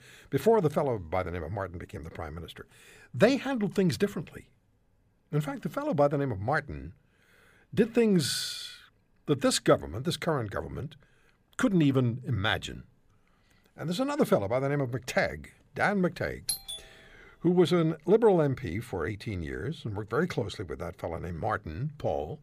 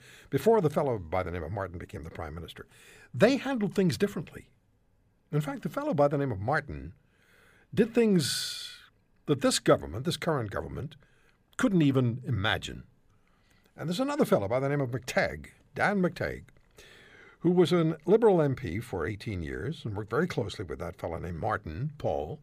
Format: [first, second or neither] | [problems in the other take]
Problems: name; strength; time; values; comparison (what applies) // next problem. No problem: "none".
second | doorbell; noticeable; at 16 s; peak 4 dB below the speech